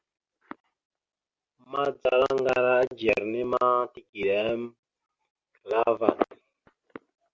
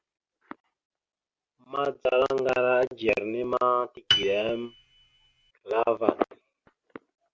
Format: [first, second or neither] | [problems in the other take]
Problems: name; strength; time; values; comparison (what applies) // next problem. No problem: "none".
first | background sound (Piano); 3 dB below the speech